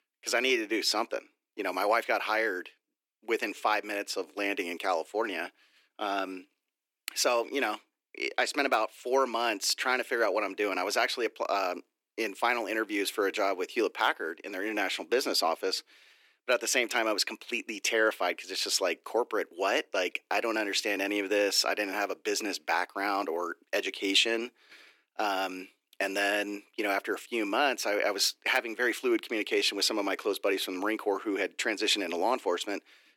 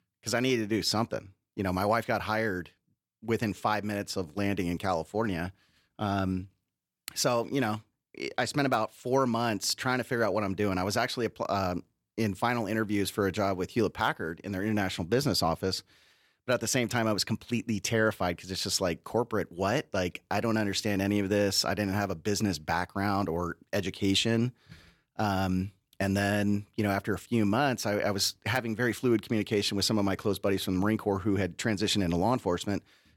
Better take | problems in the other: second | thin; somewhat; fading below 300 Hz

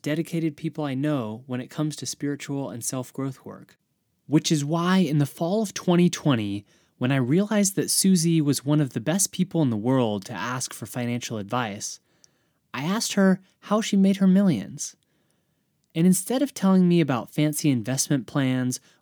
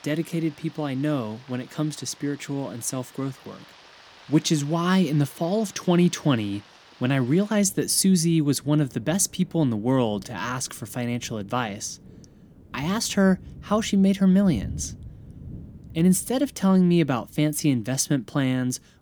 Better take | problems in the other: first | rain or running water; faint; throughout; 20 dB below the speech

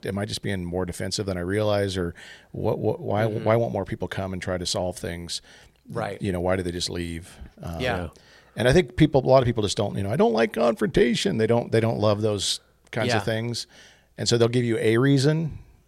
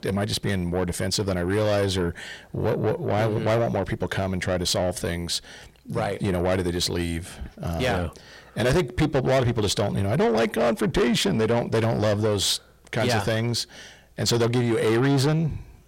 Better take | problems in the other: first | distortion; heavy; 7 dB below the speech

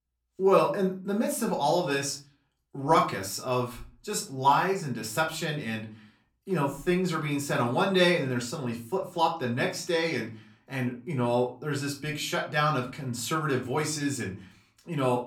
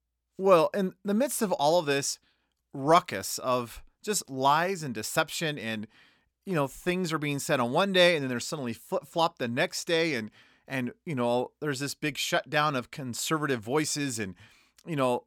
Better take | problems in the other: second | off-mic speech; far // room echo; very slight; dies away in 0.3 s

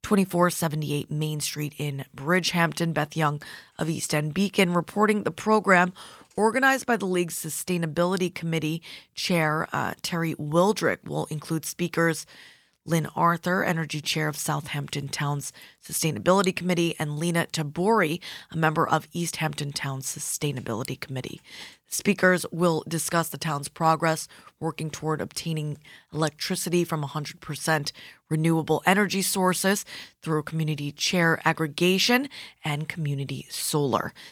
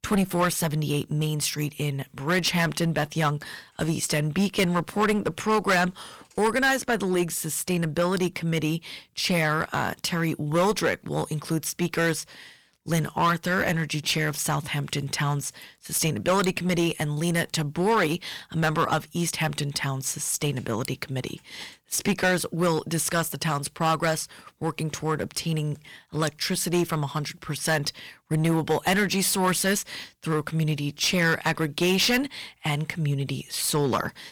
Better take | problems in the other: first | distortion; heavy; 7% of the sound clipped

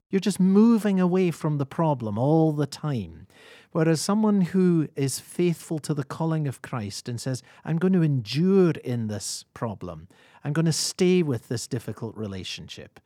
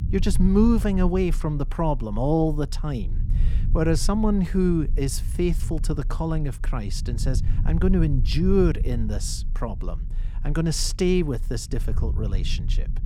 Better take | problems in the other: first | low rumble; noticeable; throughout; 20 dB below the speech

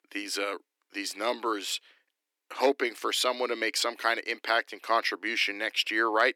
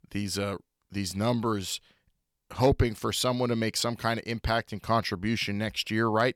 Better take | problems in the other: second | thin; very; fading below 300 Hz

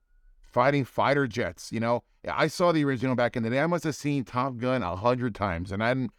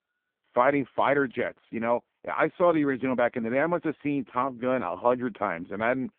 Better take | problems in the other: first | phone-call audio; poor line

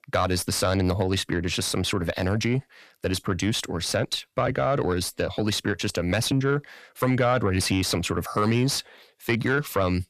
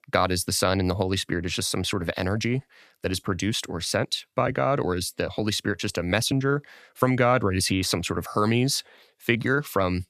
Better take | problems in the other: second | distortion; slight; 10 dB below the speech

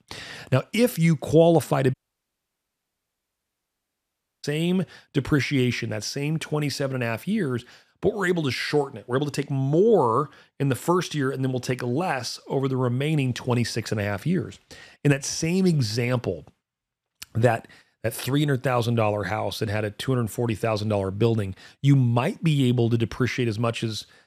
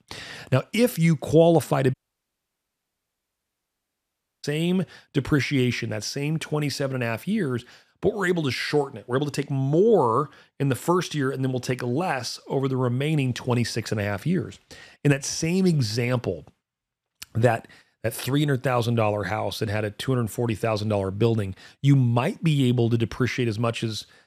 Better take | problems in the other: neither | audio cutting out; at 2 s for 2.5 s; the same in both

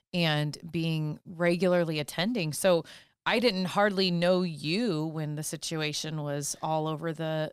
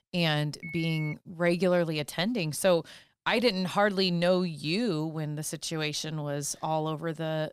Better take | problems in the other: first | phone ringing; noticeable; at 0.5 s; peak 10 dB below the speech

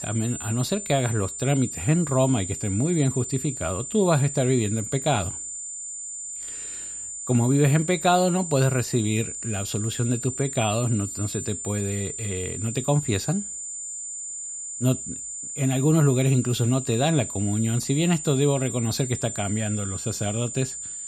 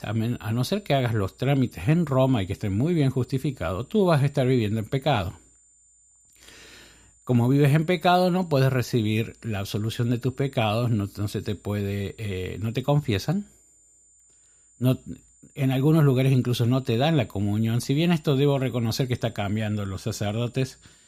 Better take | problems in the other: second | high-pitched whine; loud; throughout; 7 kHz, 7 dB below the speech; faint in the second

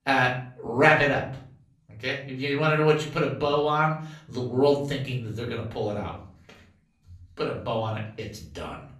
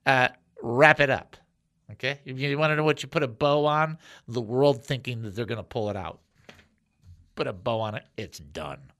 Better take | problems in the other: second | room echo; slight; dies away in 0.4 s // off-mic speech; far

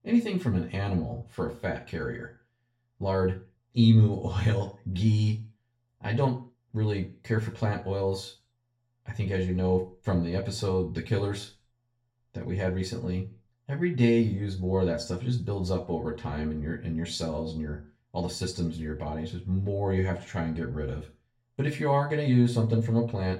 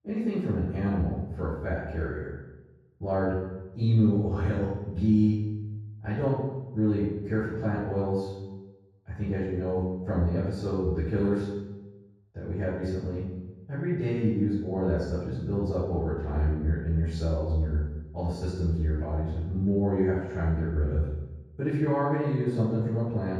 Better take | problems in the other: first | room echo; strong; dies away in 1.3 s; slight in the first // off-mic speech; far; far in the first

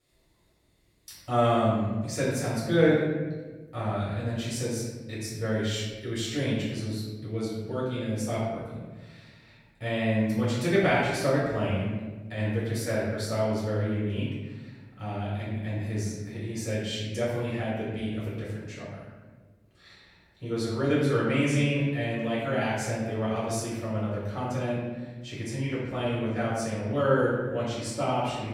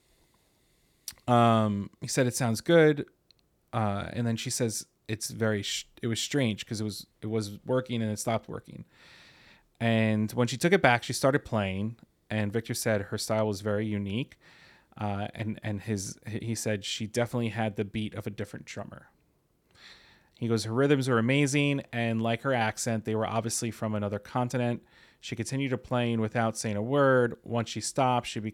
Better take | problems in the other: second | off-mic speech; far // room echo; noticeable; dies away in 1.3 s

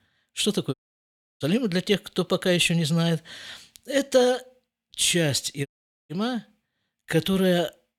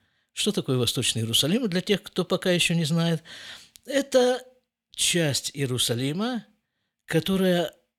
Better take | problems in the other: second | audio cutting out; at 0.5 s for 0.5 s and at 5.5 s

